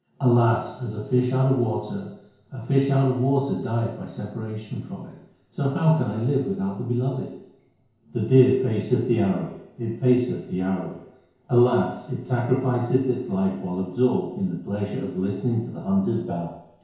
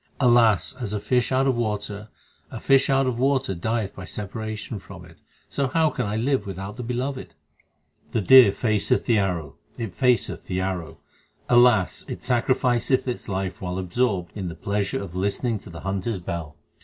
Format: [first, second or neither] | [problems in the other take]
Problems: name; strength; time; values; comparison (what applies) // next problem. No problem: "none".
second | room echo; dies away in 1 s